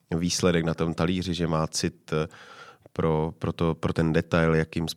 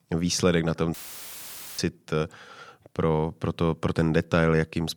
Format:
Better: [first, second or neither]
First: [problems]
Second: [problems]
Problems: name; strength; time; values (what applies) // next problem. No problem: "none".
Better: first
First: none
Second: audio cutting out; filled with static; at 1 s for 1 s